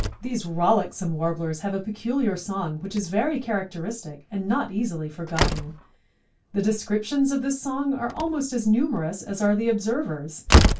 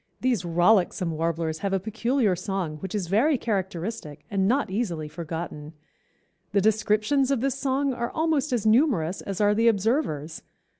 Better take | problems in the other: second | background sound (Slam); 3 dB below the speech // room echo; dies away in 0.2 s

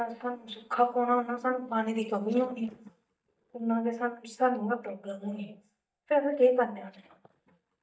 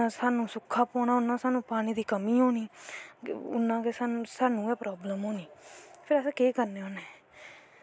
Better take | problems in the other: second | noise reduction (neural mask model DeepFilterNet 3)

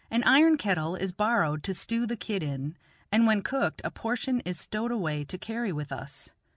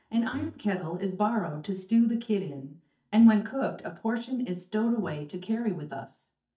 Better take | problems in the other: first | noise reduction (neural mask model DeepFilterNet 3)

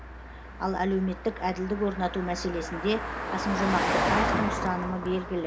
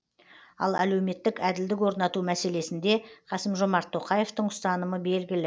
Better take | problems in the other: second | background sound (Car passing by); 2 dB below the speech // room echo; dies away in 0.3 s

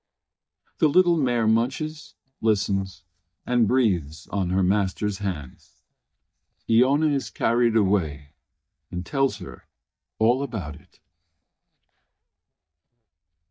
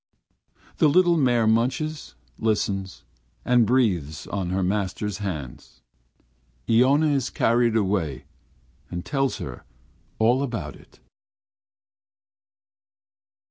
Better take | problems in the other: second | noise reduction (neural mask model DeepFilterNet 3)

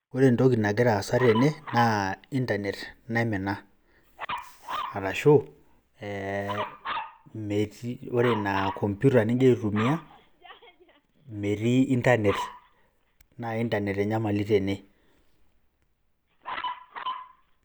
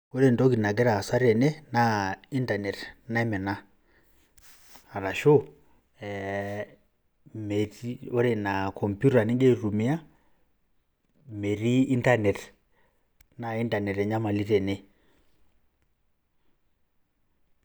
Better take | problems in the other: second | background sound (Dog); 13 dB below the speech

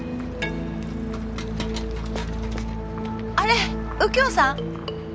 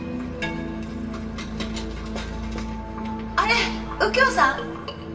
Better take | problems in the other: first | room echo; dies away in 0.9 s

